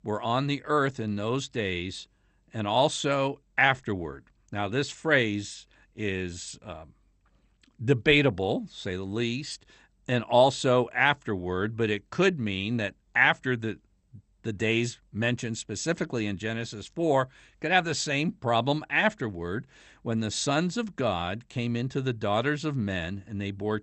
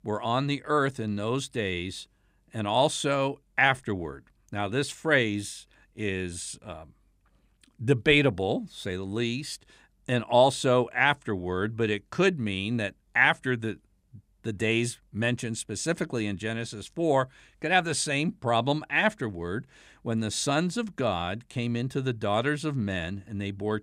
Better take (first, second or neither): second